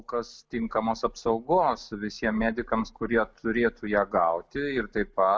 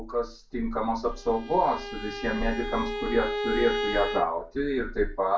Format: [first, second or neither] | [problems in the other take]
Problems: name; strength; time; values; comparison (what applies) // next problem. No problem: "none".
first | background sound (Bowed string instrument); 7 dB below the speech // room echo; dies away in 0.3 s